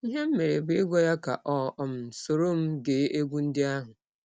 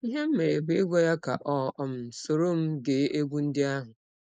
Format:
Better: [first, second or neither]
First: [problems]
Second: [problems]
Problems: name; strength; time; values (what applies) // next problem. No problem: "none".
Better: first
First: none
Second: noise reduction (neural mask model Resemble Enhance denoiser)